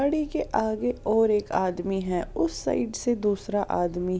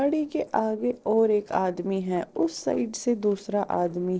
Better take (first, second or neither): first